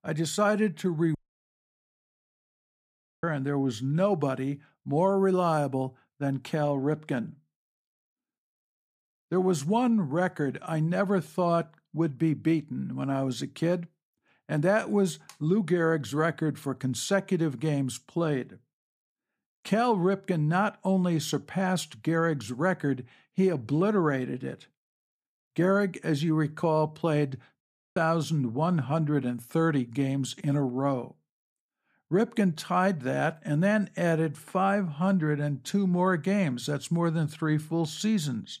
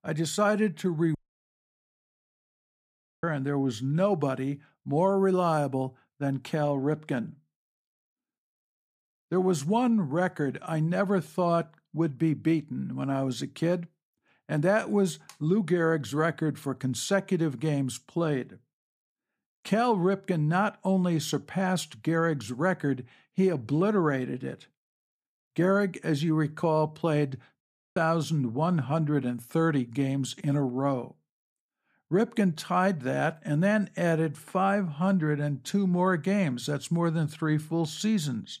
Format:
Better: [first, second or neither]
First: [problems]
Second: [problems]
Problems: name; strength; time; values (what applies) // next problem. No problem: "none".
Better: neither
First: audio cutting out; at 1 s for 2 s and at 28 s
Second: audio cutting out; at 1 s for 2 s and at 28 s